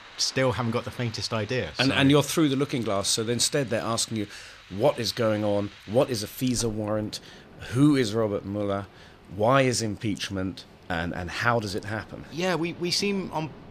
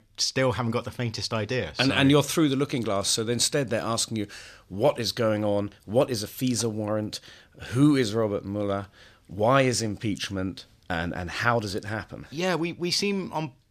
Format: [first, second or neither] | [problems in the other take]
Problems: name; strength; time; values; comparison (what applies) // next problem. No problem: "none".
second | rain or running water; faint; throughout; 20 dB below the speech